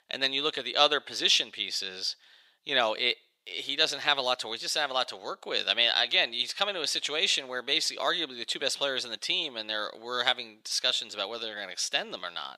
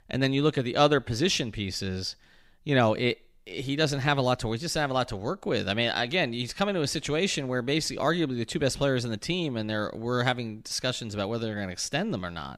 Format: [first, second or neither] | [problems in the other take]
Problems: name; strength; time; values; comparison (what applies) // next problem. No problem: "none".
second | thin; very; fading below 600 Hz